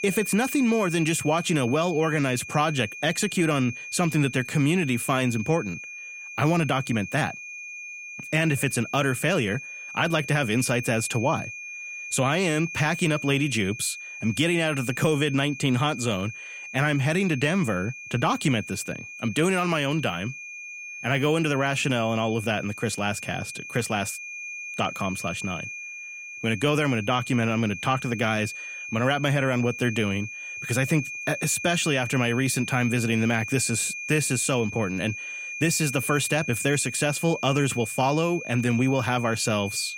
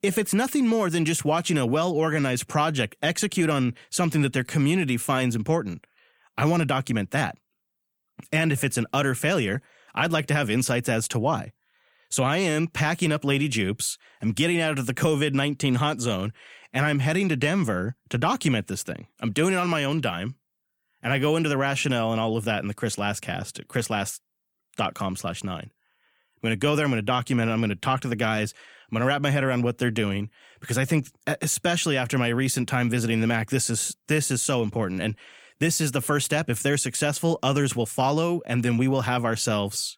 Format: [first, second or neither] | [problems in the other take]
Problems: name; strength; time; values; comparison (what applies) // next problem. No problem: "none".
second | high-pitched whine; loud; throughout; 2.5 kHz, 10 dB below the speech